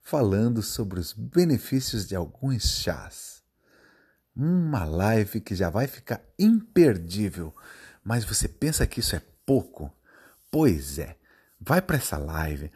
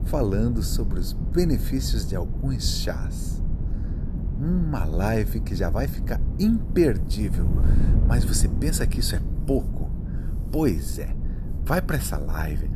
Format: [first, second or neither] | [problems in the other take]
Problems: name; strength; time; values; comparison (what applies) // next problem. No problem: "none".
first | wind noise on the microphone; occasional gusts; 10 dB below the speech